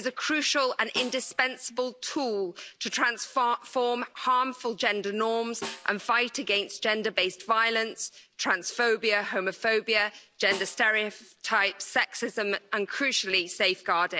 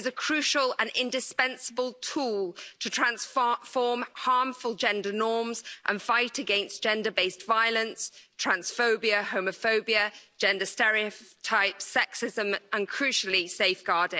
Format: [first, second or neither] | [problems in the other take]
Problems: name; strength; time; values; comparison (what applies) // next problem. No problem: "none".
second | background sound (Snare drum); 19 dB below the speech